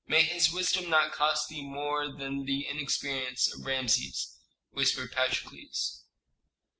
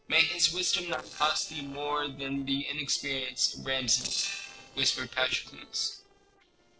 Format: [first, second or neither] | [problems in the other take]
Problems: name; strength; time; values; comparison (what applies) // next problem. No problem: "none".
first | noise reduction (neural separator model SepFormer DNS4)